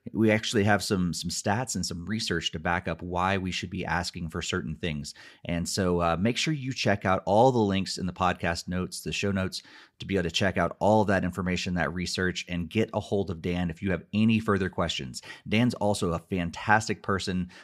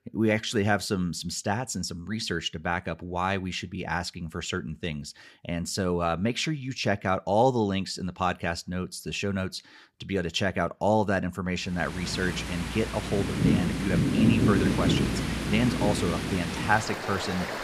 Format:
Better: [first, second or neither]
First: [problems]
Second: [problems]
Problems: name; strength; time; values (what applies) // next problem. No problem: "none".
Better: first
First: none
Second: rain or running water; very loud; from 12 s on; 1 dB above the speech